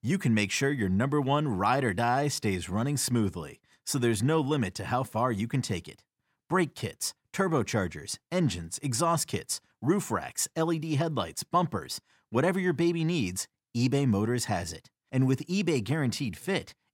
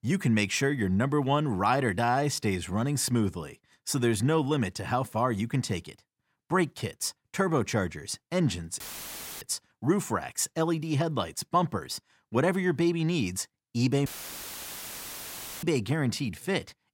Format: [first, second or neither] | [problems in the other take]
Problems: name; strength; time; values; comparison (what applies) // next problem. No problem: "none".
first | audio cutting out; filled with static; at 9 s for 0.5 s and at 14 s for 1.5 s